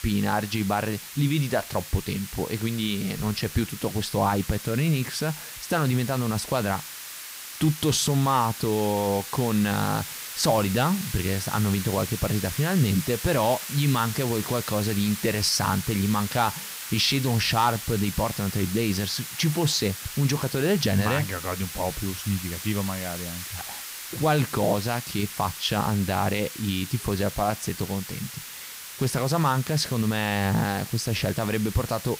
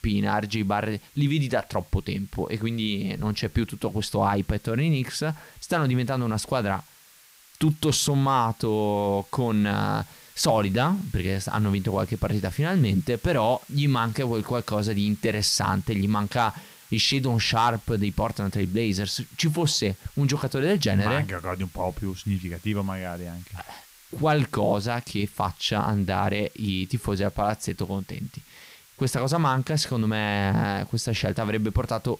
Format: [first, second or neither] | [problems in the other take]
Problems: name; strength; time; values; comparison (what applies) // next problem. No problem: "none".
second | hiss; loud; throughout; 9 dB below the speech; faint in the second